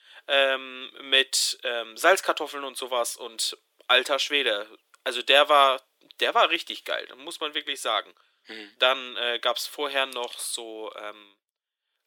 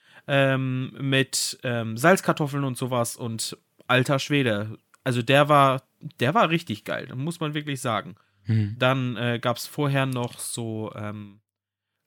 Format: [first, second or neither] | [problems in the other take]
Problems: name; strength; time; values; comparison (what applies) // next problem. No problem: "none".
second | thin; very; fading below 400 Hz